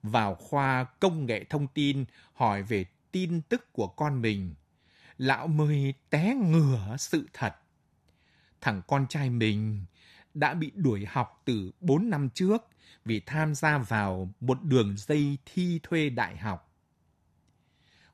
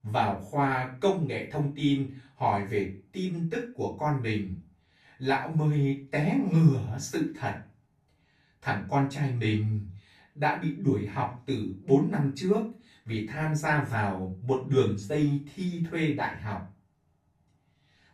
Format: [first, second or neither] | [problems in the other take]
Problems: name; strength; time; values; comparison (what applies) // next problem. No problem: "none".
first | off-mic speech; far // room echo; slight; dies away in 0.3 s